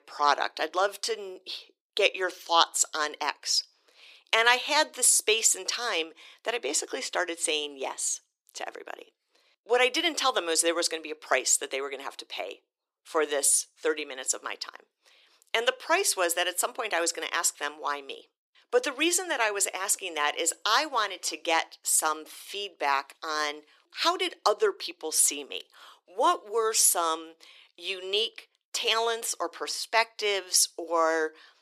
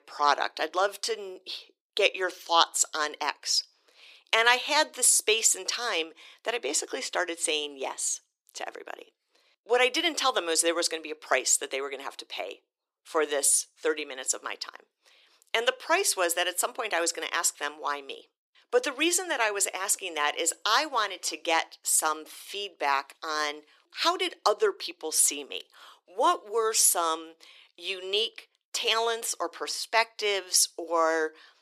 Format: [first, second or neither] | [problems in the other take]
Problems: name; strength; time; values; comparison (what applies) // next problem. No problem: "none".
neither | thin; very; fading below 350 Hz; the same in both